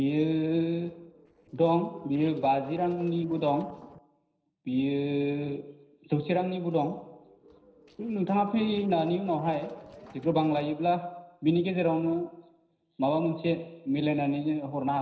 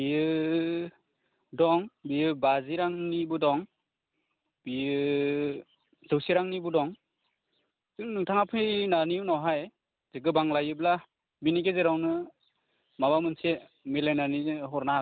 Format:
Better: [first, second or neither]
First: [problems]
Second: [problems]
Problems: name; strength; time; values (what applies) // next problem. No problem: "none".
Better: second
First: noise reduction (neural separator model SepFormer DNS4)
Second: none